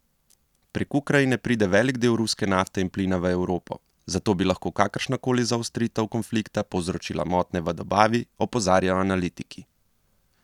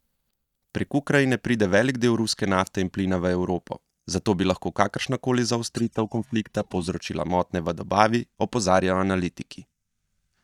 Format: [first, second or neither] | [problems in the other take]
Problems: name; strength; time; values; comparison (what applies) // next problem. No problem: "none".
first | noise reduction (neural mask model DeepFilterNet 3)